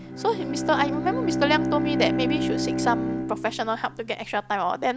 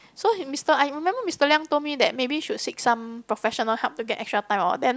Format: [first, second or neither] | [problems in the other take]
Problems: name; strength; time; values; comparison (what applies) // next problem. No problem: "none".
second | background sound (Bowed string instrument); 1 dB below the speech